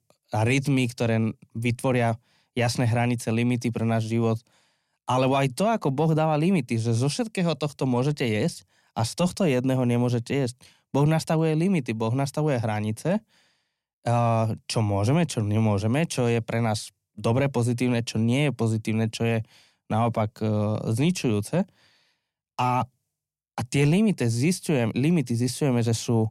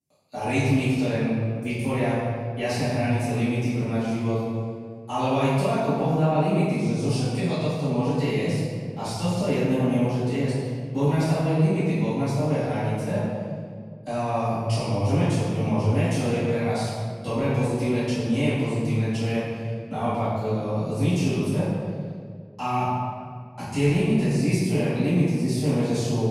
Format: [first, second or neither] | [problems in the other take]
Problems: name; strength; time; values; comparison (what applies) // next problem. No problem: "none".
first | room echo; strong; dies away in 1.7 s // off-mic speech; far